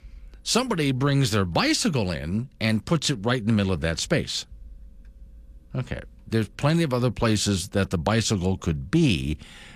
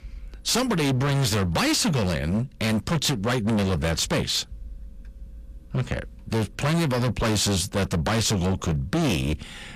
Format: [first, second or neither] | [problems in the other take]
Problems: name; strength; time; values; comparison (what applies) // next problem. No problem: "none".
first | distortion; heavy; 22% of the sound clipped